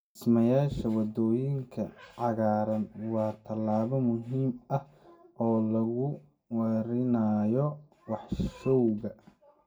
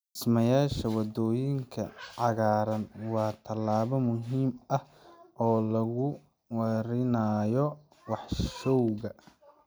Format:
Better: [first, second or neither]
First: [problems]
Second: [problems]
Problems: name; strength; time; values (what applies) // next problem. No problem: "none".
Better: second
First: room echo; dies away in 0.2 s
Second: none